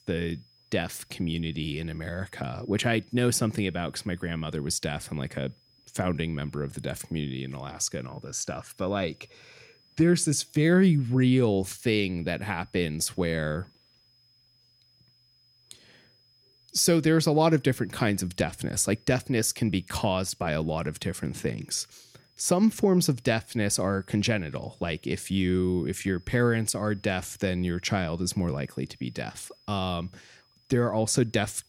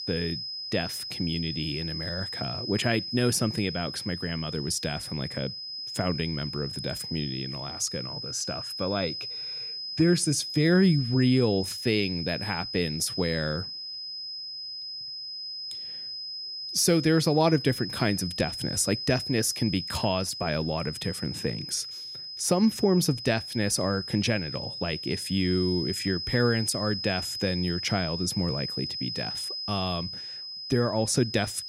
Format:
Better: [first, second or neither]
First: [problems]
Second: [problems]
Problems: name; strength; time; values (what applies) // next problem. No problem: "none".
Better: first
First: high-pitched whine; faint; throughout; 5 kHz, 35 dB below the speech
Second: high-pitched whine; loud; throughout; 5 kHz, 6 dB below the speech